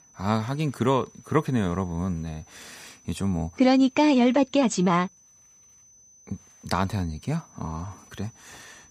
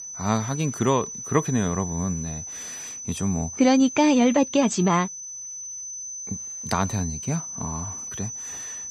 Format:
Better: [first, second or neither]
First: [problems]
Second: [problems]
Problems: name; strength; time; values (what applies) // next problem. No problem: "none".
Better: first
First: high-pitched whine; faint; throughout; 6 kHz, 30 dB below the speech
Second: high-pitched whine; loud; throughout; 6 kHz, 9 dB below the speech